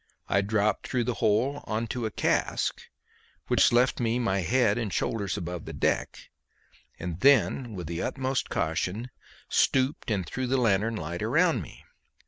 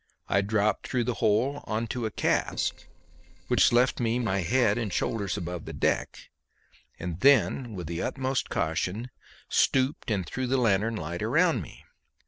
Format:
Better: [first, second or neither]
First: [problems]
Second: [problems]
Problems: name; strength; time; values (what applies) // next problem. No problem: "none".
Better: first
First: none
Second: noise reduction (neural separator model SepFormer DNS4)